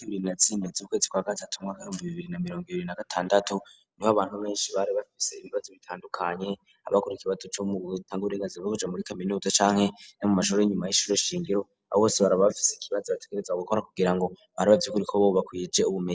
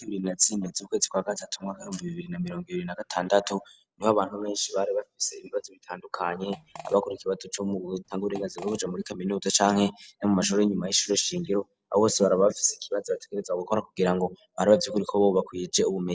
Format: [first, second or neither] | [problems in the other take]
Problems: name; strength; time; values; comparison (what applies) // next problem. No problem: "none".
first | background sound (Fart); 20 dB below the speech